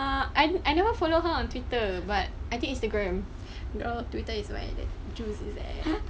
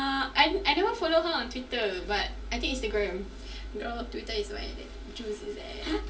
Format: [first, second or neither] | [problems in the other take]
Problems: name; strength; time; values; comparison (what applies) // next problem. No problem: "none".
first | room echo; dies away in 0.3 s